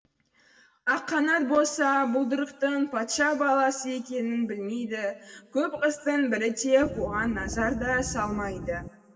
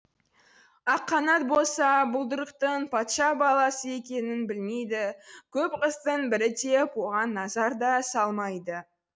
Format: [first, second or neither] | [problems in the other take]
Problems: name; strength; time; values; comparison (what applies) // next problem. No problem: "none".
second | background sound (Wind instrument, woodwind instrument); 10 dB below the speech // room echo; dies away in 2.1 s